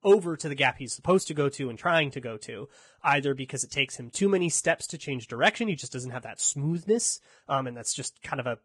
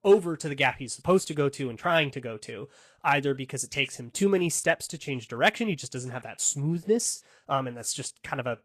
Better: second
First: garbled, watery; badly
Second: garbled, watery; slightly; nothing above 12.5 kHz

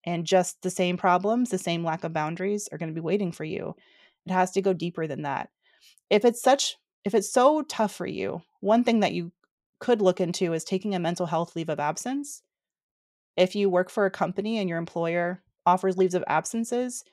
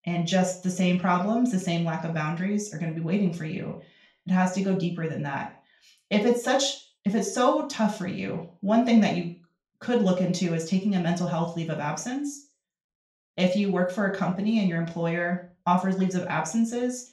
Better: first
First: none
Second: room echo; slight; dies away in 0.4 s // off-mic speech; far

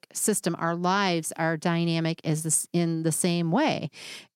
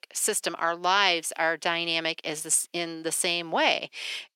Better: first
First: none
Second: thin; very; fading below 550 Hz

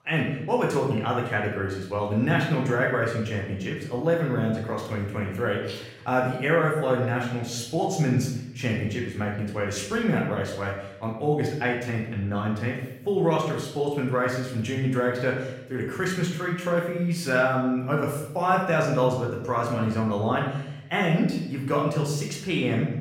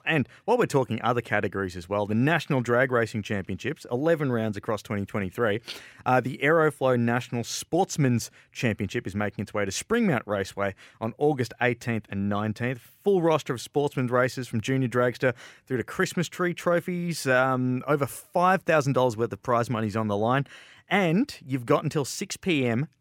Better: second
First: room echo; noticeable; dies away in 0.8 s // off-mic speech; far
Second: none

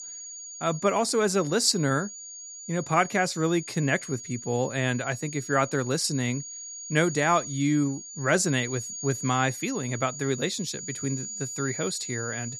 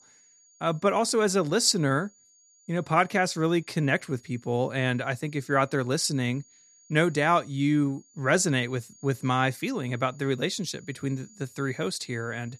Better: second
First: high-pitched whine; loud; throughout; 7 kHz, 10 dB below the speech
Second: high-pitched whine; faint; throughout; 7 kHz, 30 dB below the speech

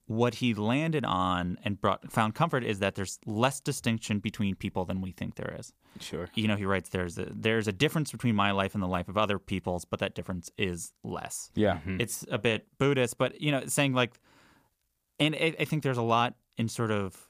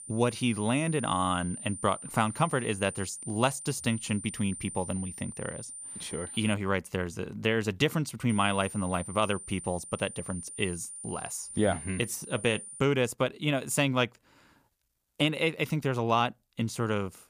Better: first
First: none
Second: high-pitched whine; noticeable; until 6.5 s and from 8.5 to 13 s; 9 kHz, 10 dB below the speech

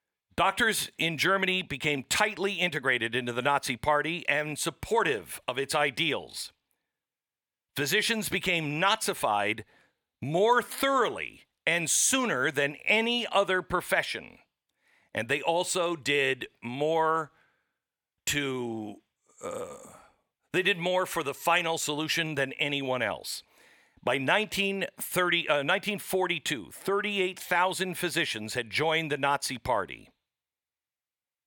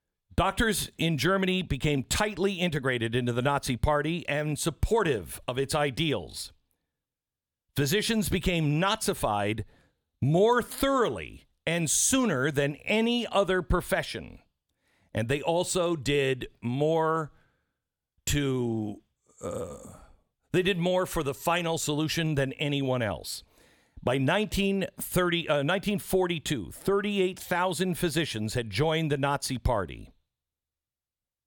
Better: second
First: thin; somewhat; fading below 750 Hz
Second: none

